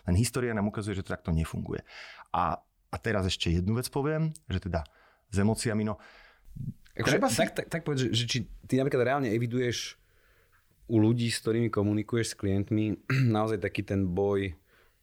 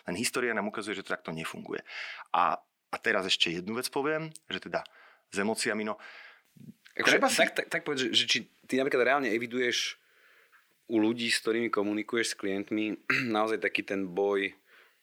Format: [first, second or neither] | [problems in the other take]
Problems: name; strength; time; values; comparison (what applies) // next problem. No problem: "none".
first | thin; somewhat; fading below 250 Hz